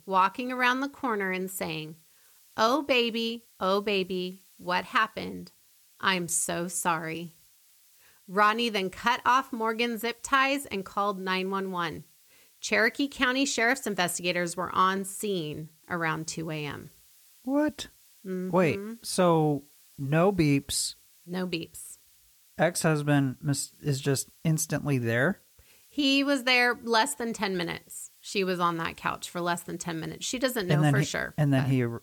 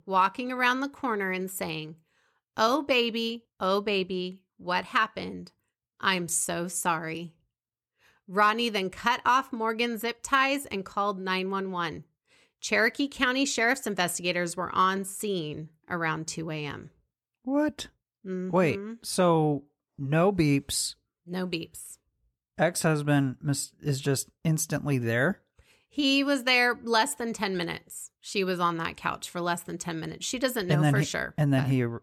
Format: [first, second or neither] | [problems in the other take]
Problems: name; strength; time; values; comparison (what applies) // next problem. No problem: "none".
second | hiss; faint; throughout; 30 dB below the speech